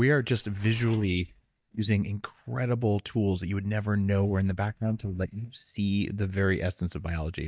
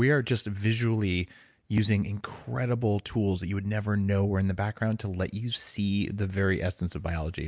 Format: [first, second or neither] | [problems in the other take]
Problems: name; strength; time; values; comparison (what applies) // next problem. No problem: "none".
second | noise reduction (neural mask model DeepFilterNet 3)